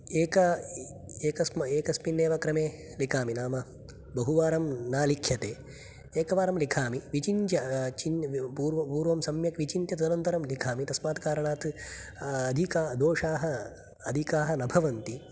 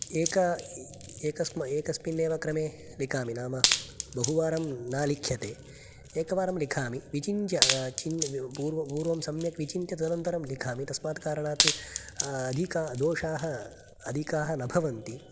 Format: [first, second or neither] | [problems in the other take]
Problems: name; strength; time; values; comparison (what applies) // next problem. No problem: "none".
first | background sound (Wood); 5 dB below the speech